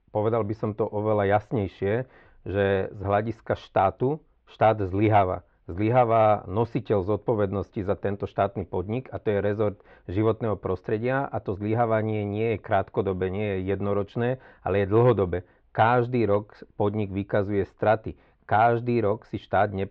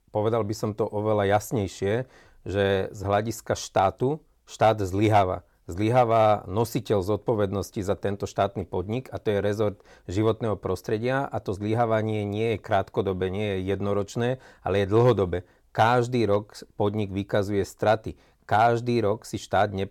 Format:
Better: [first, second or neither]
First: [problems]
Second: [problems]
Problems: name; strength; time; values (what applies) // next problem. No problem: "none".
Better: second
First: muffled; very; fading above 3 kHz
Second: none